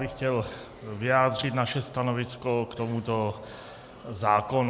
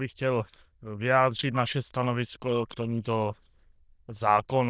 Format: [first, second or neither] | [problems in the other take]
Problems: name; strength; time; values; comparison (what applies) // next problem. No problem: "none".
first | noise reduction (neural diffusion model UNIVERSE++)